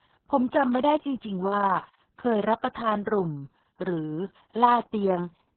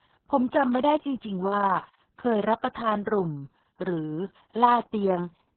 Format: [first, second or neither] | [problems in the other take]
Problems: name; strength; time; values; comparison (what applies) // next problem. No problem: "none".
neither | garbled, watery; badly; nothing above 3.5 kHz; the same in both